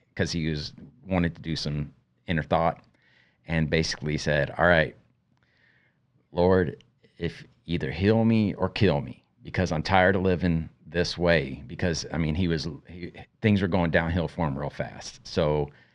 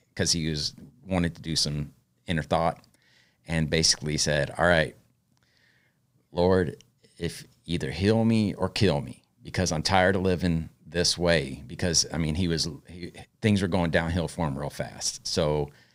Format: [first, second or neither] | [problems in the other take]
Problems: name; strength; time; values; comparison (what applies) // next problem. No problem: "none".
second | muffled; slightly; fading above 2.5 kHz